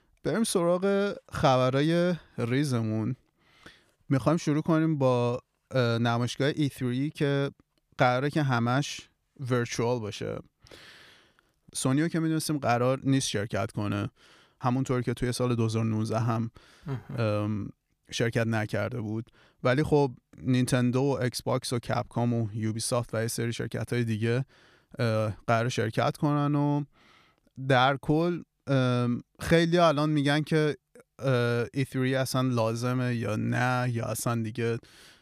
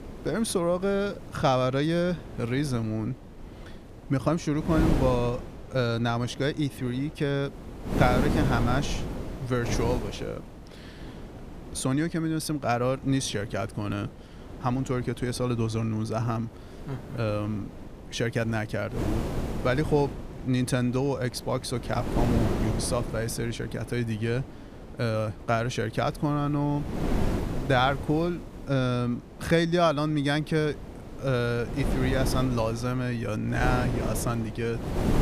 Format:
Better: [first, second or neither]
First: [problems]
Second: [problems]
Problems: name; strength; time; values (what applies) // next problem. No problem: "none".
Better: first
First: none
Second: wind noise on the microphone; heavy; 10 dB below the speech